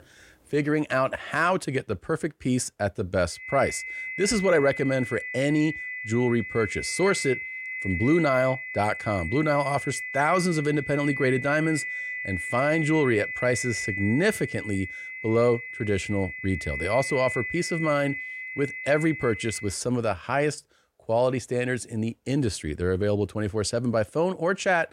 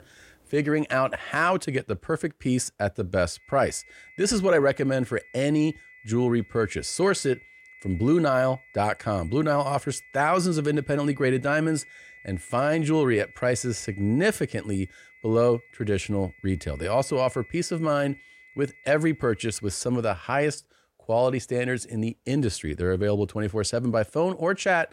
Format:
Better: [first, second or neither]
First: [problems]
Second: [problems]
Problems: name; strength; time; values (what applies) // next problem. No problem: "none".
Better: second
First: high-pitched whine; loud; from 3.5 to 20 s; 2 kHz, 6 dB below the speech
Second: high-pitched whine; faint; from 3.5 to 20 s; 2 kHz, 25 dB below the speech